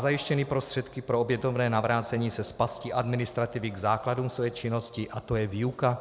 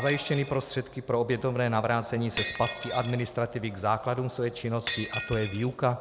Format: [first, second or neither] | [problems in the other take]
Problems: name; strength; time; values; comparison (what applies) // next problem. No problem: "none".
first | background sound (Shatter); 12 dB below the speech